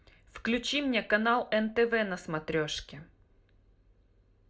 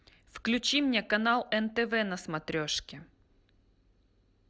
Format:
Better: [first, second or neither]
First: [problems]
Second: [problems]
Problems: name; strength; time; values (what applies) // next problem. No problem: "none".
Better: second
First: room echo; dies away in 0.2 s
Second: none